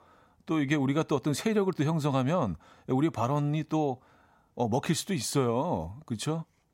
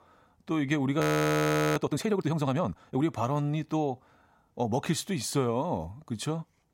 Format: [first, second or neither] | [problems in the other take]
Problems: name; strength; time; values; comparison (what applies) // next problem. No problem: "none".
first | audio freezing; at 1 s for 1 s